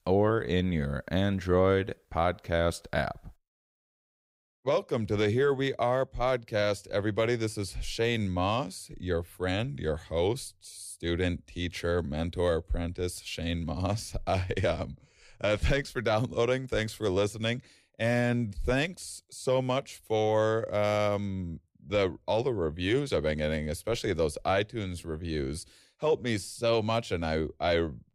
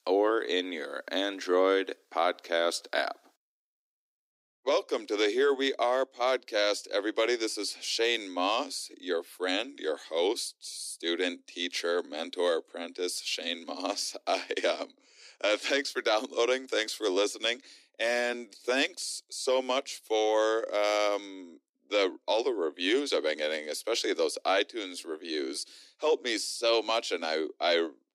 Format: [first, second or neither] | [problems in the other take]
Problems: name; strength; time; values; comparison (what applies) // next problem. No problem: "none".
first | thin; somewhat; fading below 250 Hz